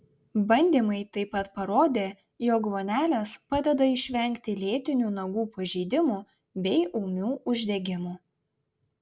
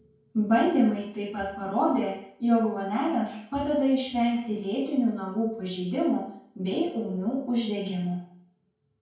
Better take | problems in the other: first | room echo; dies away in 0.5 s

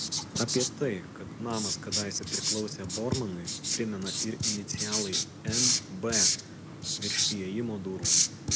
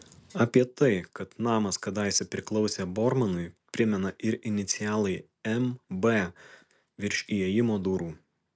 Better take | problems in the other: second | background sound (Writing); 4 dB above the speech

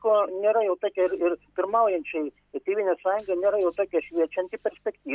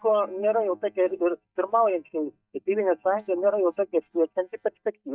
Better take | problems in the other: first | noise reduction (neural mask model DeepFilterNet 3)

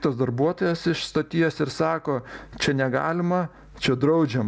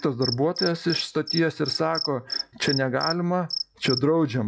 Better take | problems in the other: first | noise reduction (classical method log-MMSE)

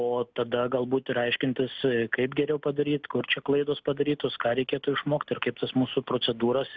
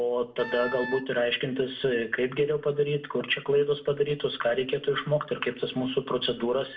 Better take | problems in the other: first | background sound (Wind instrument, woodwind instrument); 11 dB below the speech // room echo; dies away in 0.5 s

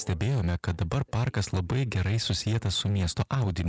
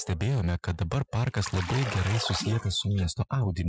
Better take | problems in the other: first | noise reduction (classical method Wiener filter)

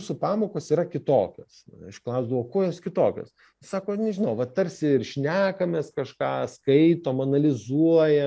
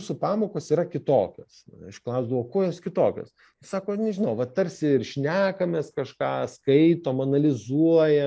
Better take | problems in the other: first | noise reduction (neural mask model Resemble Enhance denoiser)

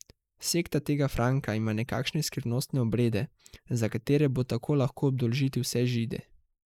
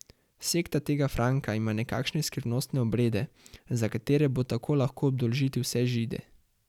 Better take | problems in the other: second | noise reduction (neural mask model Resemble Enhance denoiser)

